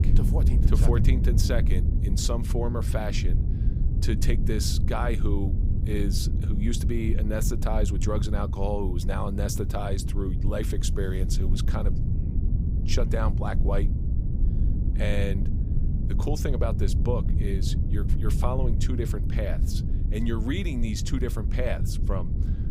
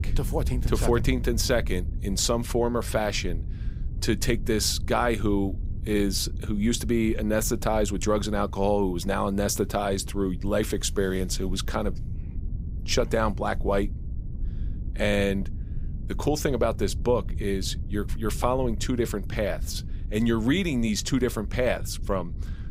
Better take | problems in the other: second | low rumble; loud; throughout; 7 dB below the speech; faint in the second

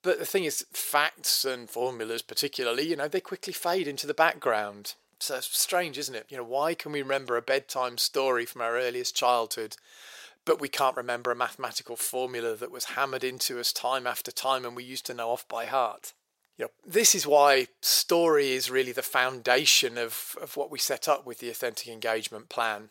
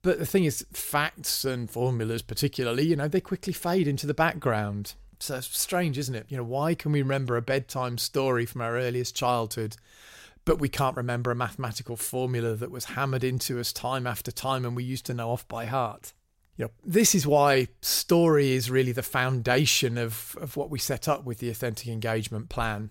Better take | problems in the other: second | thin; very; fading below 500 Hz

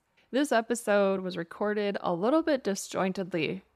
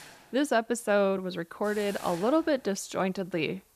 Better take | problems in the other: first | hiss; noticeable; throughout; 20 dB below the speech

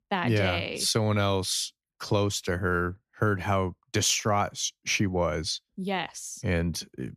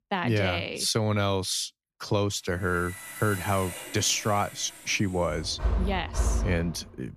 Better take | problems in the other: first | machinery noise; loud; from 2.5 s on; 7 dB below the speech

